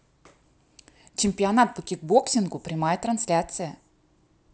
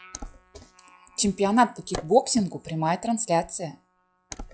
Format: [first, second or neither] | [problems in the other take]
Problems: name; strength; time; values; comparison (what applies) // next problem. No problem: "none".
first | noise reduction (classical method log-MMSE)